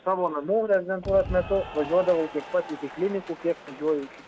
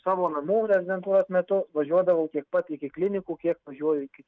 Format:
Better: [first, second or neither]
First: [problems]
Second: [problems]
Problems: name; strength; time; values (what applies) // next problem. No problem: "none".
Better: second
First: background sound (Applause / Cheering); 14 dB below the speech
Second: none